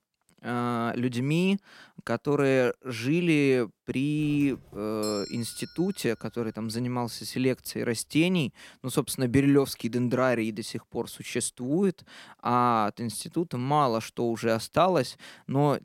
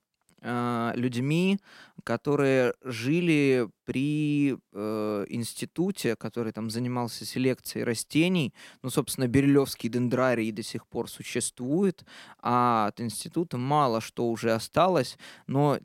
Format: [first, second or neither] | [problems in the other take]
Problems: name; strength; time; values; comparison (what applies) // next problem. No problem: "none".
second | doorbell; noticeable; from 4 to 6.5 s; peak 10 dB below the speech